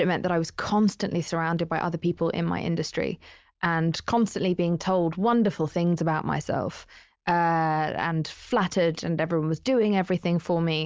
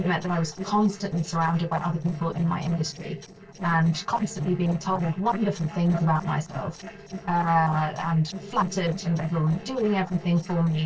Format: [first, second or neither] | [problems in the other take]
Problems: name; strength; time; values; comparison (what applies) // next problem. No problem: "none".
first | noise reduction (neural separator model SepFormer DNS4)